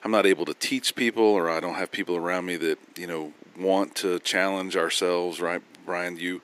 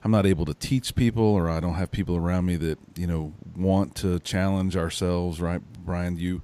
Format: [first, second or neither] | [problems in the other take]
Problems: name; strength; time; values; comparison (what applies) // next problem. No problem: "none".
second | thin; somewhat; fading below 300 Hz